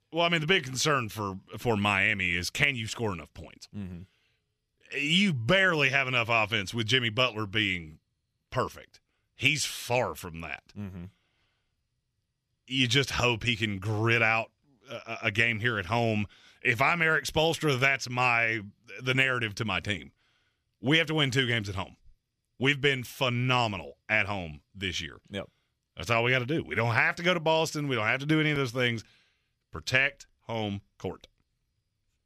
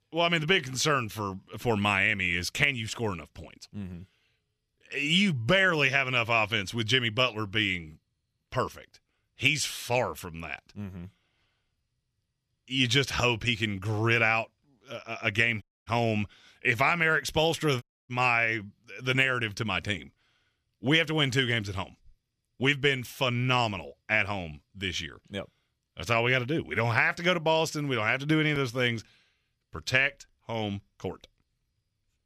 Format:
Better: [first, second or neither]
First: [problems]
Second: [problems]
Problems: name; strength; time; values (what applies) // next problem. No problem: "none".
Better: first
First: none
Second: audio cutting out; at 16 s and at 18 s